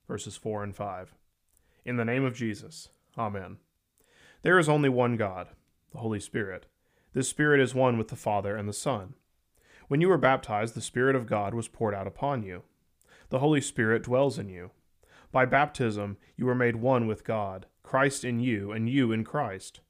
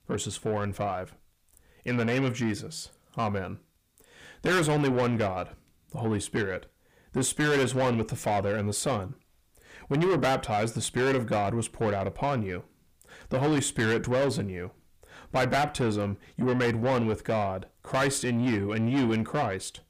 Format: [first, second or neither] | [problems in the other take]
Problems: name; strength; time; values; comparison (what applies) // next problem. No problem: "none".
first | distortion; heavy; 7 dB below the speech